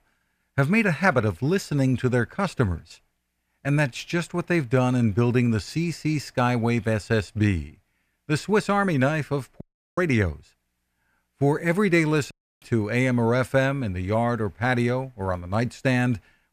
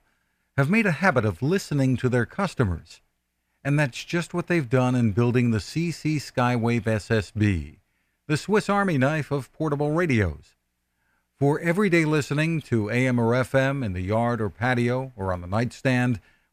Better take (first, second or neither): second